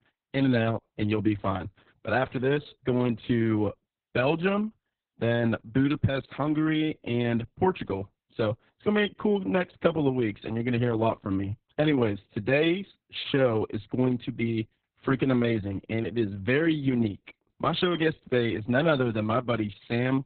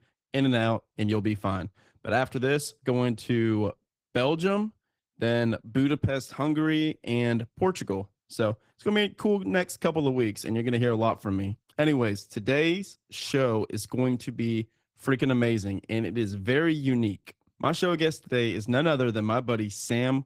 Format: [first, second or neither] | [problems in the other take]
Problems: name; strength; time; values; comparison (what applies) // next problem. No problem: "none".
second | garbled, watery; badly; nothing above 4 kHz; slightly in the second